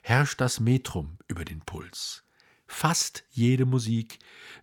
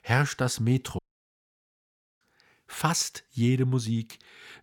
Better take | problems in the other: first | audio cutting out; at 1 s for 1 s

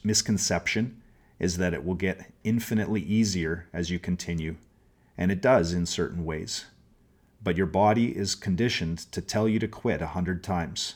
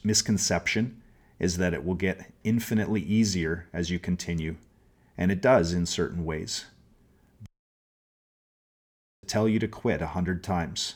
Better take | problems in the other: first | audio cutting out; at 7.5 s for 2 s

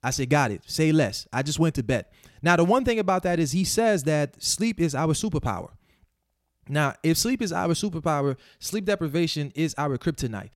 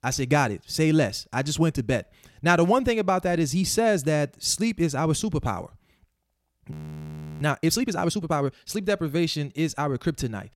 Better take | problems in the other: first | audio freezing; at 6.5 s for 0.5 s

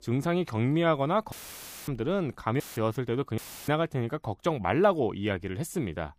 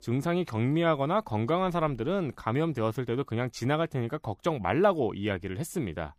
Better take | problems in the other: second | audio cutting out; filled with static; at 1.5 s for 0.5 s, at 2.5 s and at 3.5 s

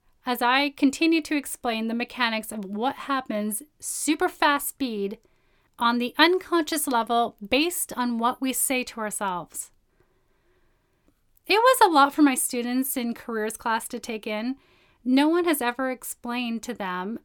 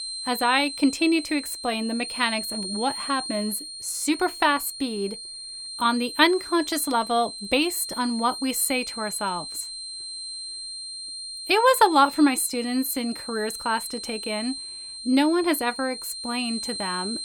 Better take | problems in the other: first | high-pitched whine; loud; throughout; 4 kHz, 9 dB below the speech

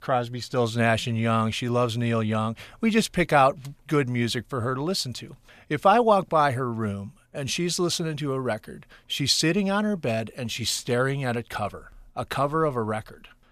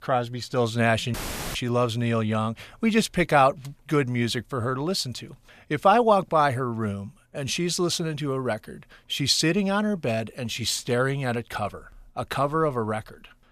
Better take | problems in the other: first | audio cutting out; filled with static; at 1 s

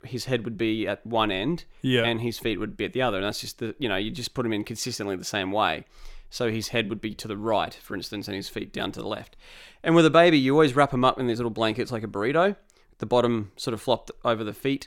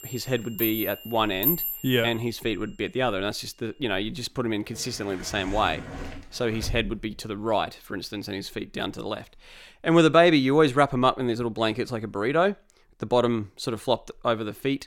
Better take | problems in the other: first | household noises; loud; until 7 s; 6 dB below the speech

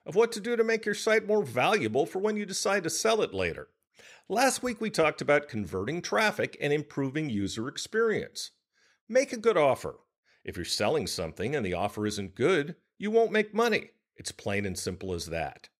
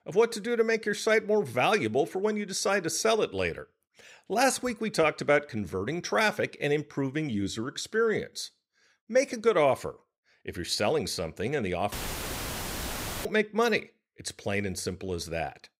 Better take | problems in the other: first | audio cutting out; filled with static; at 12 s for 1.5 s

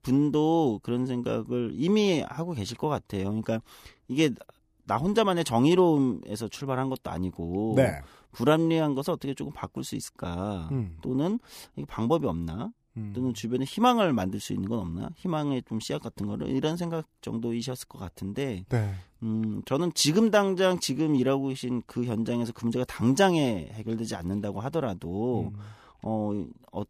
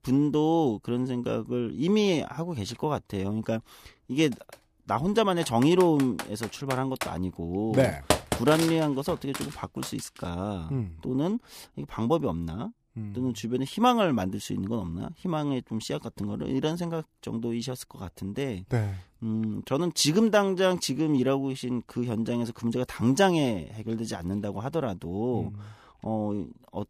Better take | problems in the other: first | keyboard typing; loud; from 5.5 to 10 s; peak 1 dB above the speech

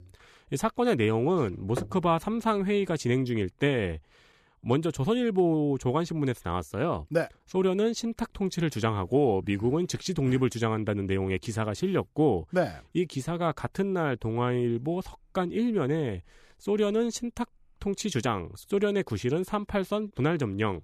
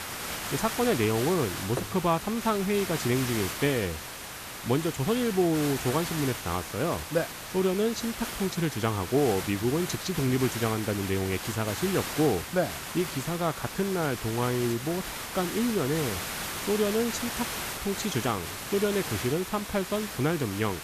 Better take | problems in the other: first | hiss; loud; throughout; 6 dB below the speech

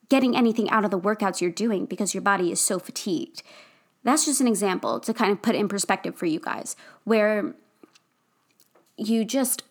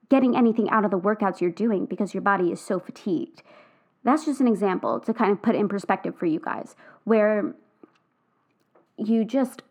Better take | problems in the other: first | muffled; very; fading above 3 kHz

